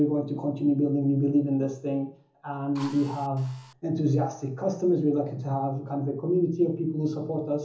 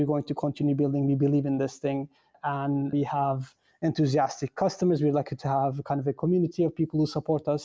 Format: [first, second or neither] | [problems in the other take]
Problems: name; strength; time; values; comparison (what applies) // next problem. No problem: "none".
second | background sound (Drill); 20 dB below the speech // room echo; dies away in 0.7 s